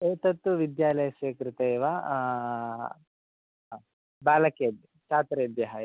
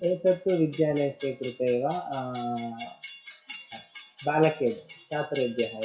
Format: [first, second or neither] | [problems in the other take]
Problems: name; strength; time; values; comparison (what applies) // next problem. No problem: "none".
first | noise reduction (classical method WPE with log-MMSE)